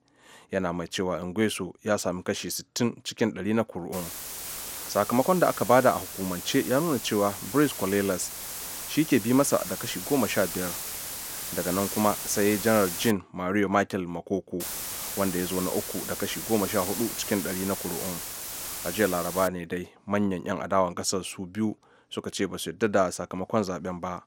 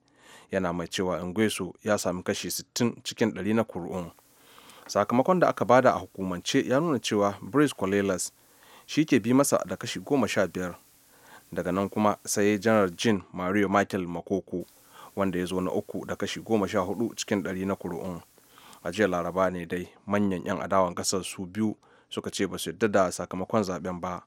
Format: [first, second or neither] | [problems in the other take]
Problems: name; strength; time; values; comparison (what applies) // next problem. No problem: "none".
second | hiss; loud; from 4 to 13 s and from 15 to 19 s; 6 dB below the speech; faint in the second